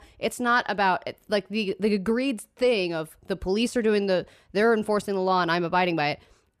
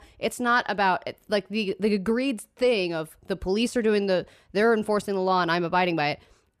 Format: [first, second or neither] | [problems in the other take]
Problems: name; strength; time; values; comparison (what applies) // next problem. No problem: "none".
neither | none